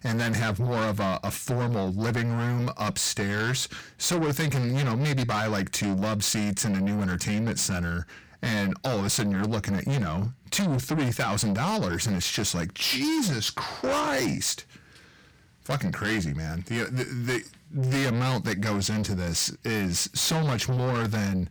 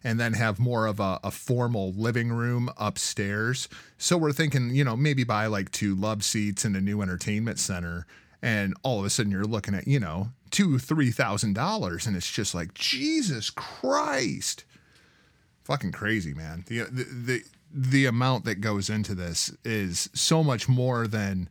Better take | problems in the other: second | distortion; heavy; 6 dB below the speech

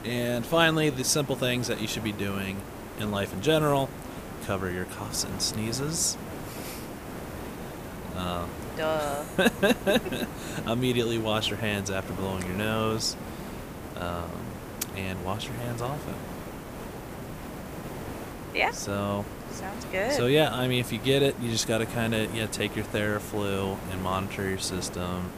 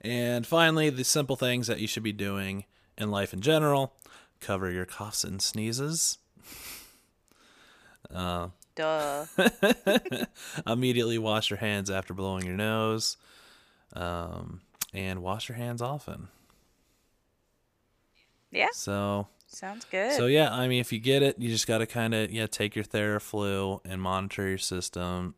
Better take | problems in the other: second | hiss; noticeable; throughout; 10 dB below the speech

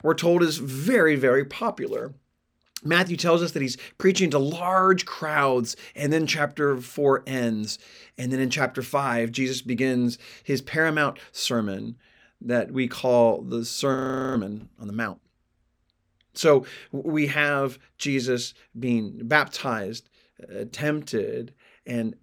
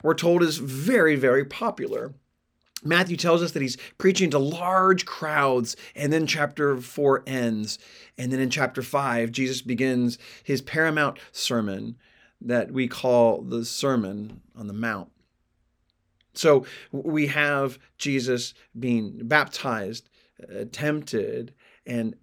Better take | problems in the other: second | audio freezing; at 14 s

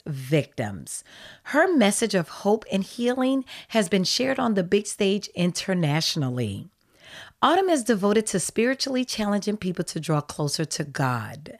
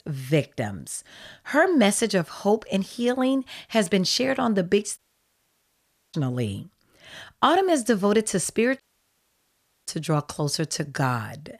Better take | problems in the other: first | audio cutting out; at 5 s for 1 s and at 9 s for 1 s

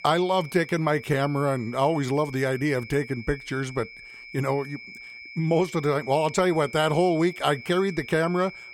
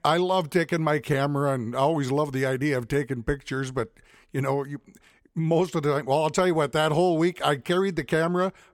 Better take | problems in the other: second | high-pitched whine; noticeable; throughout; 2.5 kHz, 15 dB below the speech

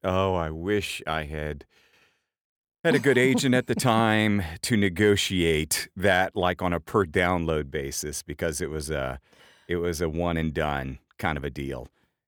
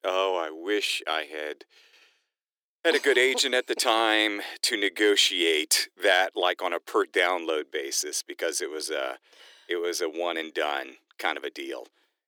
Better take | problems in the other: first | thin; very; fading below 300 Hz

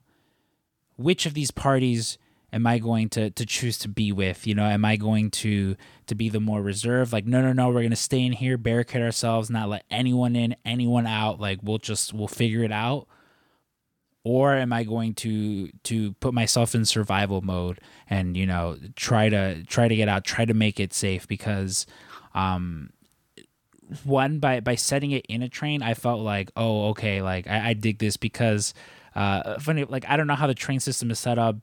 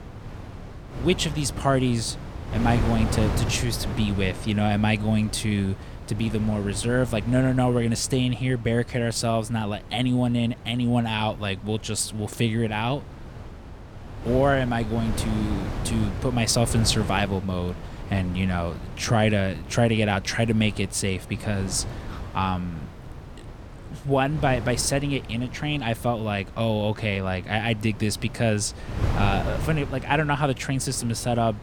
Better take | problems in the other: first | wind noise on the microphone; occasional gusts; 15 dB below the speech

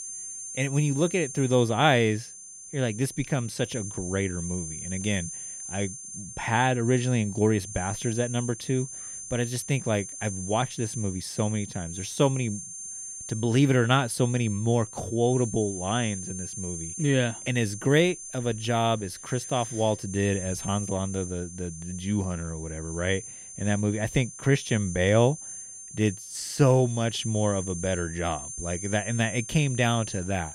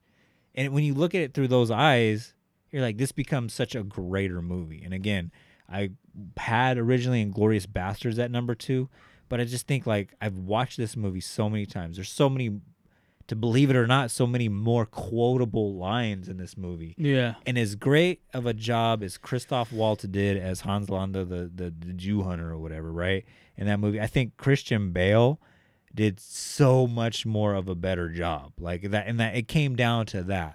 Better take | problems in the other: second | high-pitched whine; loud; throughout; 6.5 kHz, 10 dB below the speech

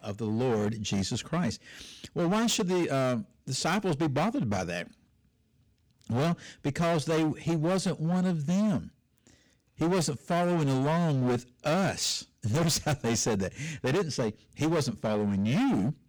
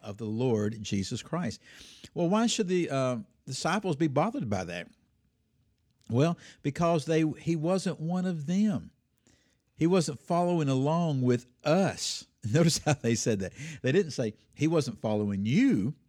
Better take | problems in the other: second | distortion; heavy; 19% of the sound clipped

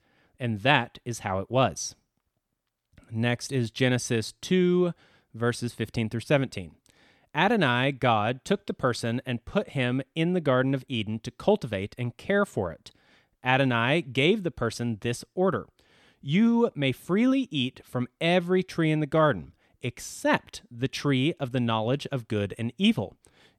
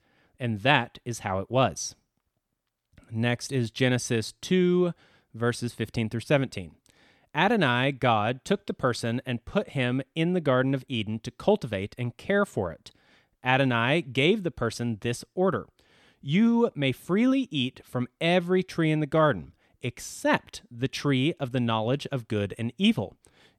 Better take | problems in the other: neither | none

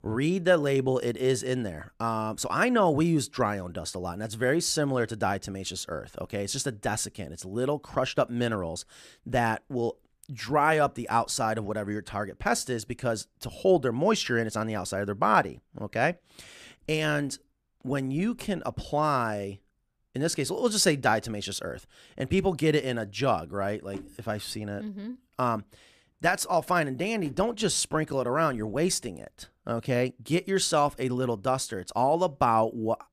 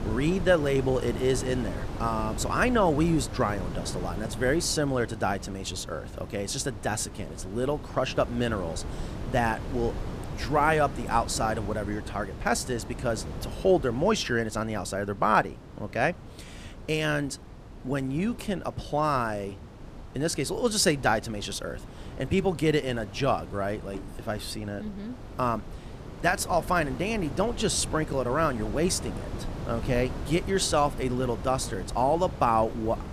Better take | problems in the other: first | wind noise on the microphone; occasional gusts; 15 dB below the speech

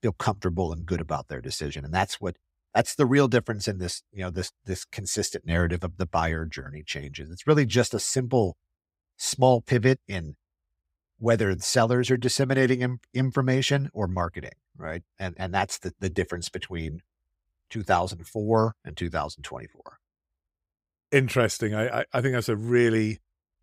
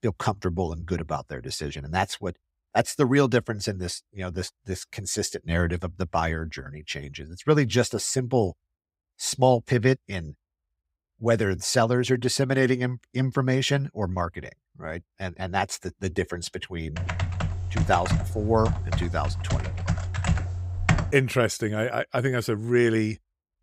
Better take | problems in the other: first | keyboard typing; loud; from 17 to 21 s; peak 1 dB above the speech

